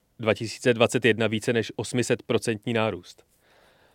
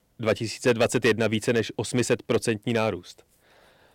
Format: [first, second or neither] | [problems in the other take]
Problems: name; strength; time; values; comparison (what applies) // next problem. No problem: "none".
first | distortion; slight; 2% of the sound clipped